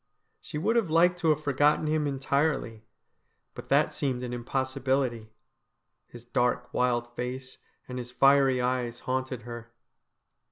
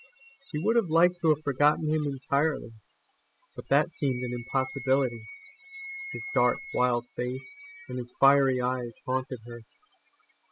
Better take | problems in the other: first | noise reduction (classical method spectral subtraction)

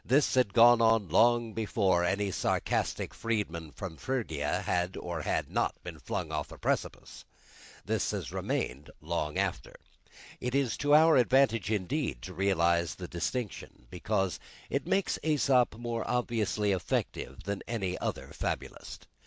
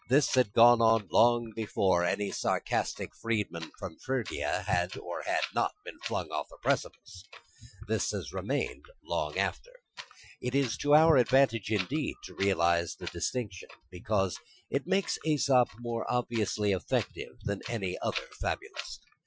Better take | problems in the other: first | noise reduction (classical method Wiener filter)

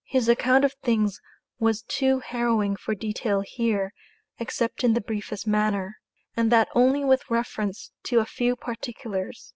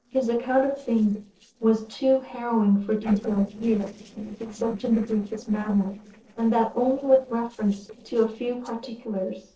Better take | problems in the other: first | noise reduction (neural separator model SepFormer DNS4)

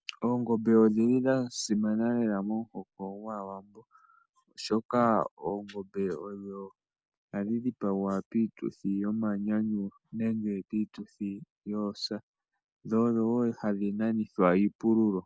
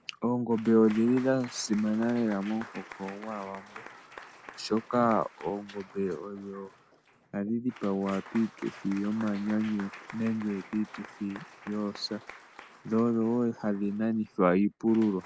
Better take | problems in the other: first | background sound (Applause / Crowd); 19 dB below the speech

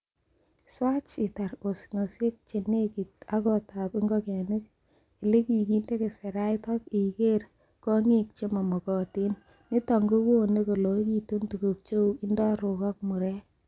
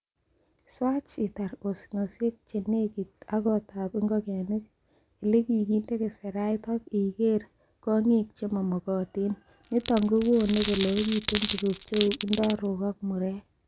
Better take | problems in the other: first | background sound (Glass); 8 dB below the speech

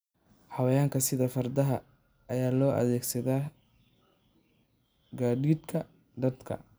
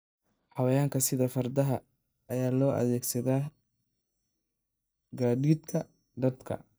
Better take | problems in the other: first | noise reduction (neural mask model DeepFilterNet 3)

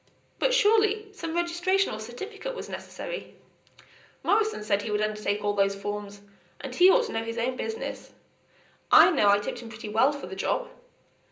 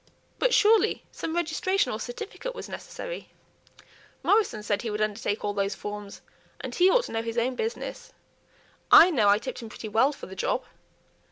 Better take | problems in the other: second | room echo; dies away in 0.5 s

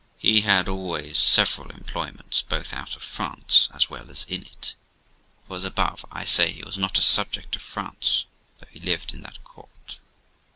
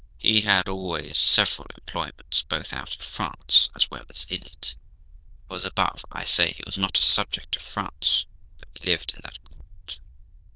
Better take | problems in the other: first | noise reduction (neural diffusion model UNIVERSE++)

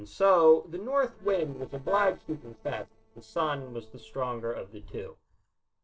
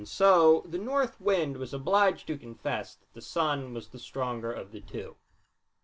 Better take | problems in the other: second | noise reduction (neural separator model SepFormer DNS4)

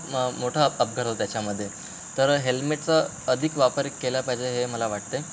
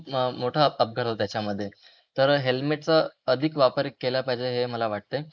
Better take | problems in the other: first | noise reduction (neural mask model Resemble Enhance denoiser)

